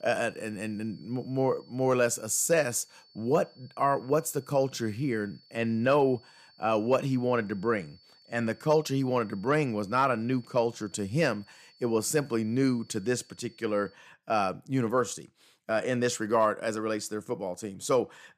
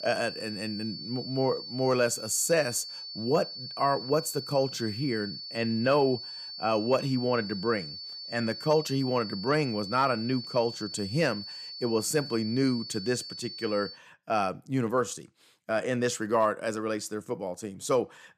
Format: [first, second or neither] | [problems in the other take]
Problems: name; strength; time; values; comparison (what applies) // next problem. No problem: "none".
first | high-pitched whine; loud; until 14 s; 4.5 kHz, 9 dB below the speech; faint in the first